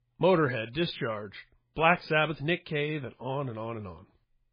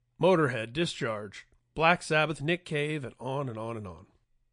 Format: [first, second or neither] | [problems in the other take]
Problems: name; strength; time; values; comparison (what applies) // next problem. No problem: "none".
second | garbled, watery; badly; nothing above 5 kHz; slightly in the second